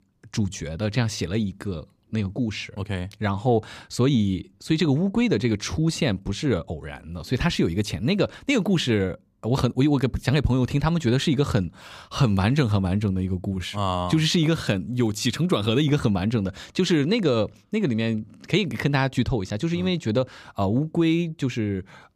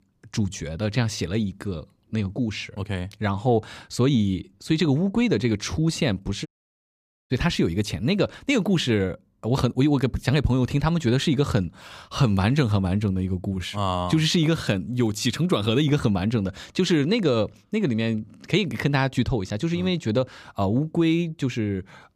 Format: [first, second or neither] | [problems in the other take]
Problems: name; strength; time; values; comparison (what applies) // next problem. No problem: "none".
first | audio cutting out; at 6.5 s for 1 s